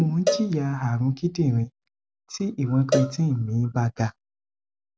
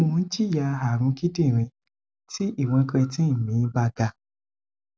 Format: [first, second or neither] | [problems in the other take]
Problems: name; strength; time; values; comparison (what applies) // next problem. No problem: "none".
second | background sound (Cowbell); 7 dB below the speech